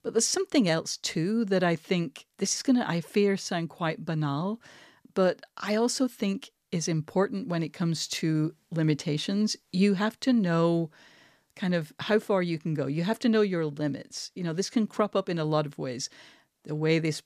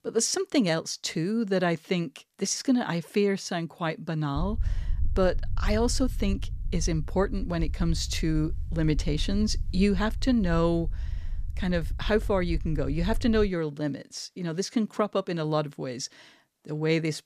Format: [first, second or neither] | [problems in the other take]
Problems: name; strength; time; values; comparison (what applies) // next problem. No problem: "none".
first | low rumble; faint; from 4.5 to 13 s; 25 dB below the speech